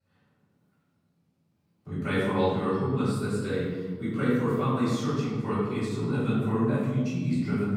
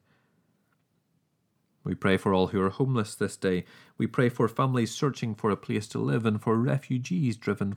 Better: second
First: off-mic speech; far // room echo; strong; dies away in 1.4 s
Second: none

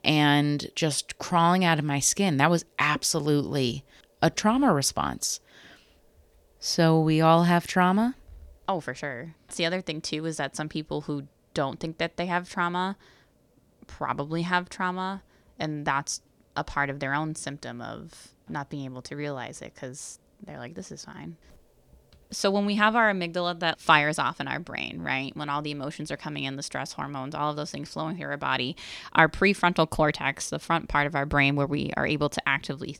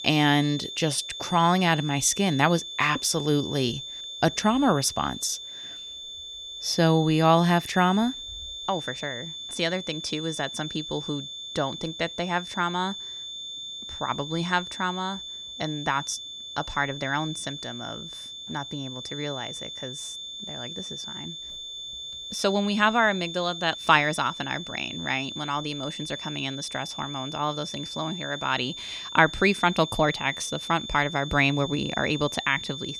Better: first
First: none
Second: high-pitched whine; loud; throughout; 3.5 kHz, 9 dB below the speech

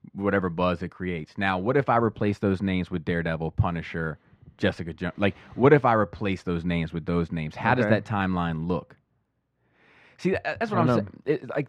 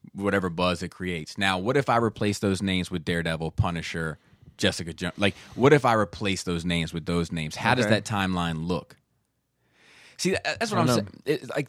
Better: second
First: muffled; very; fading above 4 kHz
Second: none

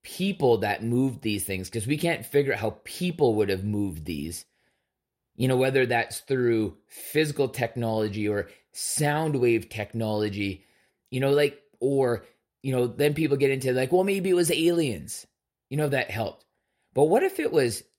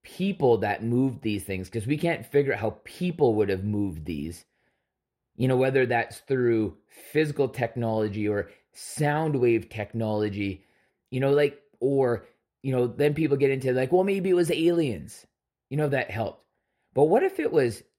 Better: first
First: none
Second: muffled; slightly; fading above 3 kHz

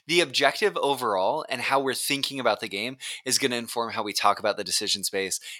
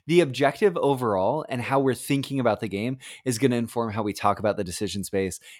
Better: second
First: thin; somewhat; fading below 1 kHz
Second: none

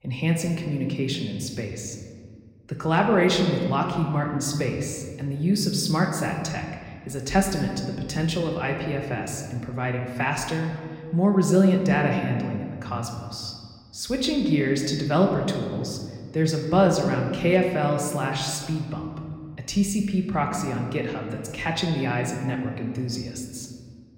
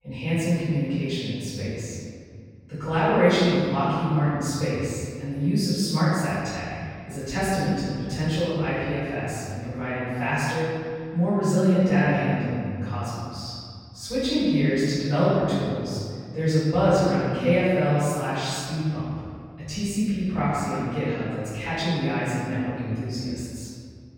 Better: first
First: room echo; slight; dies away in 1.7 s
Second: room echo; strong; dies away in 2.1 s // off-mic speech; far

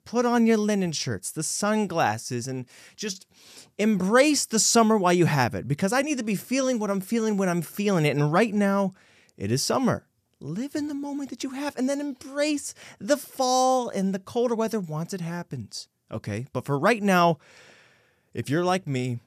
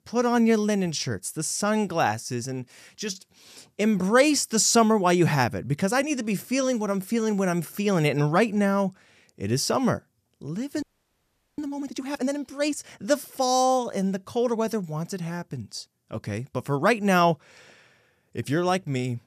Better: first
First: none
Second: audio freezing; at 11 s for 1 s

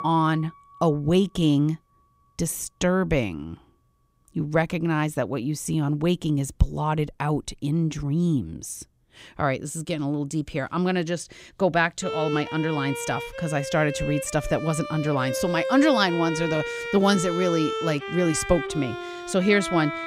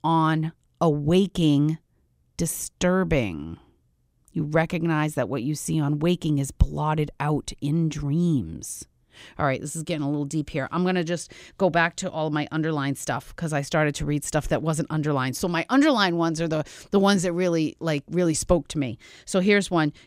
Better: second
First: background music; loud; throughout; 6 dB below the speech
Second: none

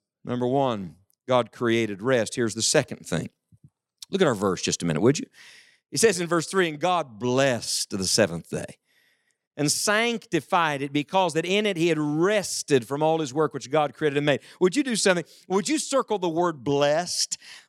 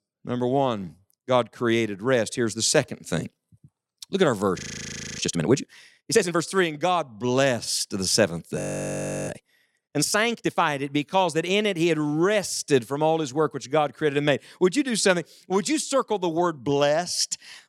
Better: first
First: none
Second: audio freezing; at 4.5 s for 0.5 s and at 8.5 s for 0.5 s

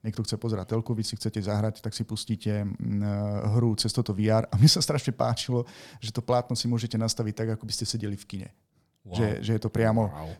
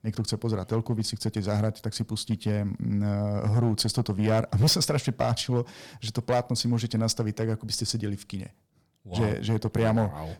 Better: first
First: none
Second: distortion; slight; 4% of the sound clipped

